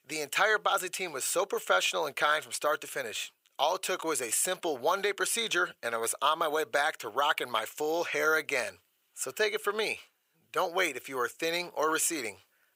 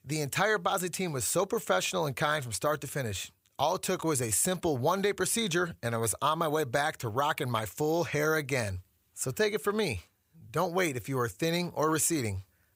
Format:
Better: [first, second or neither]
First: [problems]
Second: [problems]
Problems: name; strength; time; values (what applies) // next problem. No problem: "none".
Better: second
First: thin; very; fading below 450 Hz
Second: none